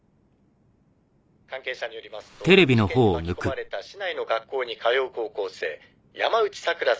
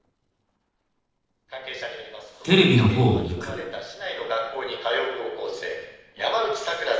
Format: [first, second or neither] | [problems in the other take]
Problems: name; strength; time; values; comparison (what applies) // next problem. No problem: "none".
first | noise reduction (neural separator model SepFormer DNS4)